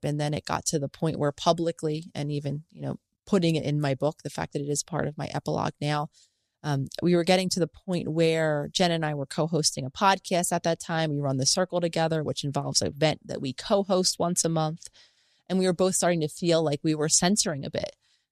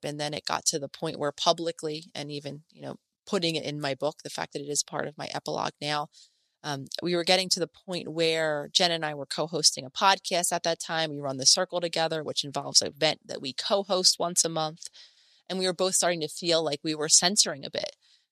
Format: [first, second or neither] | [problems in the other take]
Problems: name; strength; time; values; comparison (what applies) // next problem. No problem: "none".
first | thin; very slightly; fading below 550 Hz